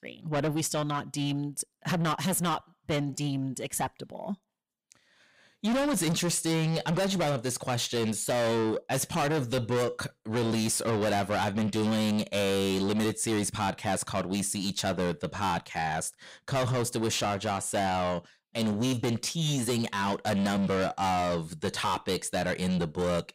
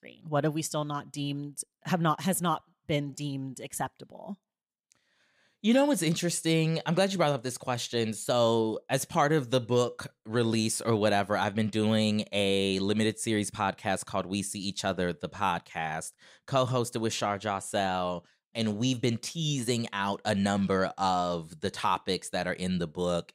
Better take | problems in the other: second | distortion; heavy; 6 dB below the speech

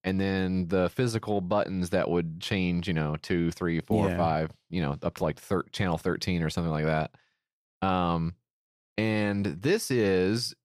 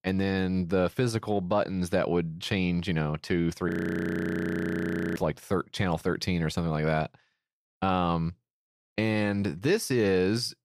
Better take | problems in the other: first | audio freezing; at 3.5 s for 1.5 s

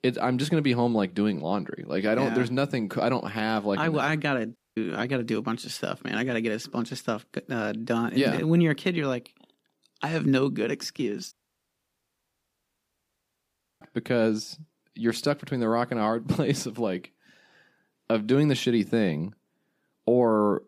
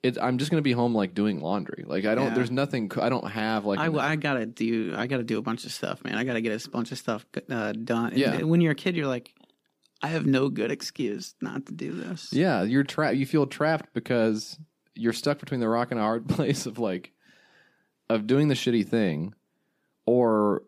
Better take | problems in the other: second | audio cutting out; at 4.5 s and at 11 s for 2.5 s

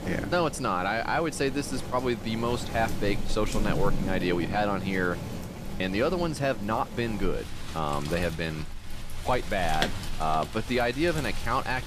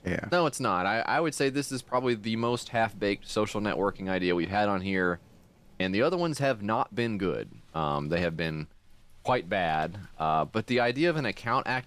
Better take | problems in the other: second | rain or running water; loud; throughout; 7 dB below the speech; faint in the second

